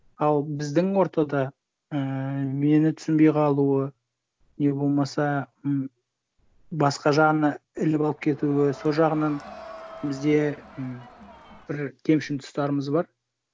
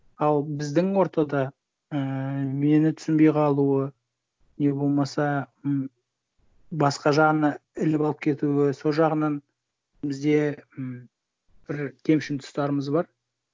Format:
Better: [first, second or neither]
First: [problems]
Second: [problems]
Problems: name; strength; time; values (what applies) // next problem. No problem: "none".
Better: second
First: background sound (Crowd); 18 dB below the speech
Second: none